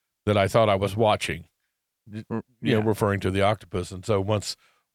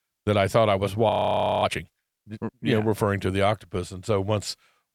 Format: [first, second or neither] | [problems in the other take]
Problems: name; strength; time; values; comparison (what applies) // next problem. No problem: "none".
first | audio freezing; at 1 s for 0.5 s